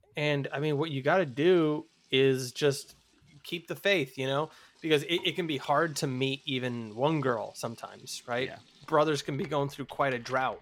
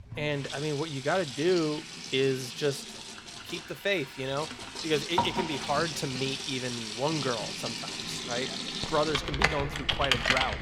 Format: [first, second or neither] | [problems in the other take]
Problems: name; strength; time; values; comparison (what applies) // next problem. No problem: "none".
first | household noises; loud; throughout; 1 dB below the speech; faint in the first